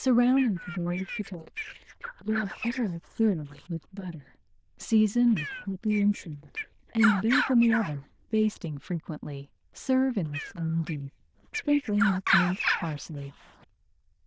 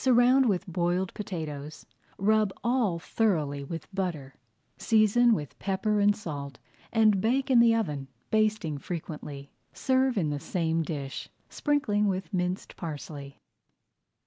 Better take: second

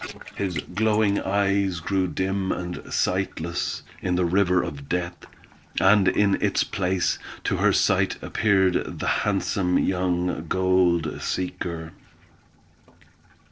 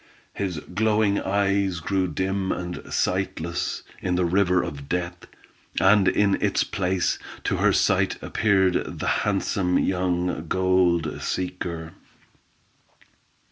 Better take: second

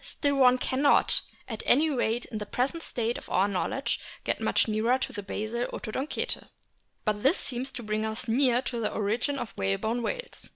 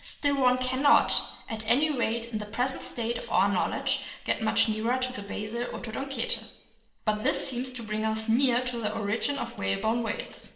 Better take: first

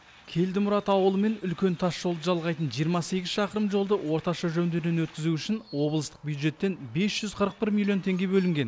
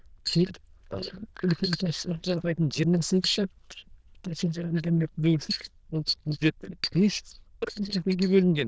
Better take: first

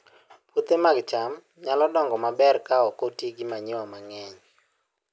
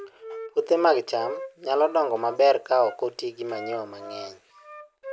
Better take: first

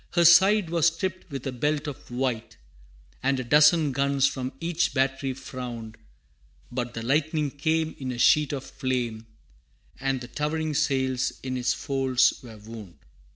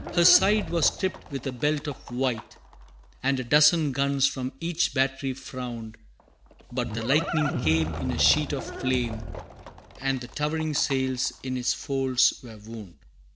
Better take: first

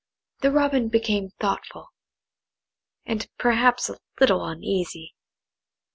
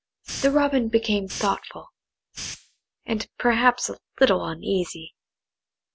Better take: first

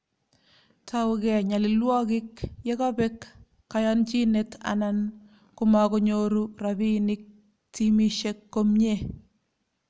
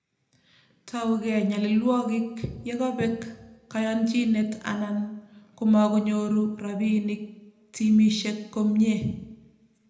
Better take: first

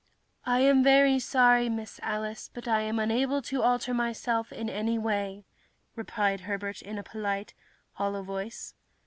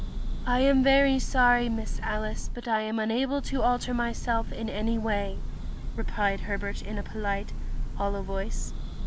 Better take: first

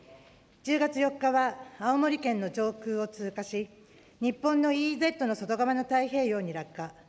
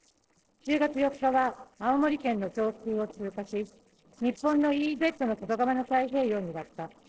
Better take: first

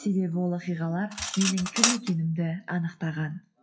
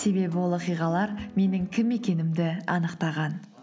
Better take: second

